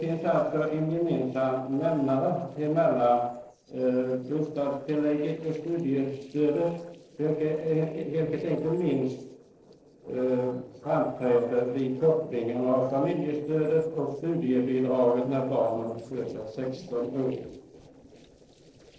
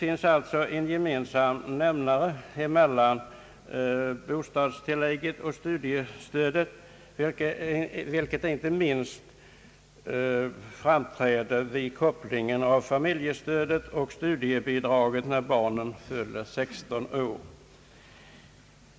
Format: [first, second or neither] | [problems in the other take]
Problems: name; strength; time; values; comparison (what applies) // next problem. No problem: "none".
second | noise reduction (neural separator model SepFormer DNS4)